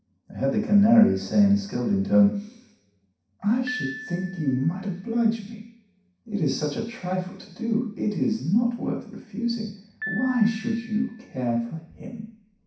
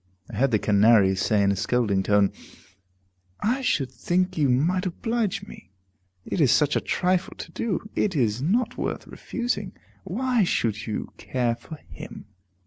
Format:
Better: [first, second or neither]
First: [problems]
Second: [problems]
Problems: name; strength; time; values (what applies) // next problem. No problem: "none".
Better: second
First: background sound (Piano); 19 dB below the speech // room echo; dies away in 0.6 s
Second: none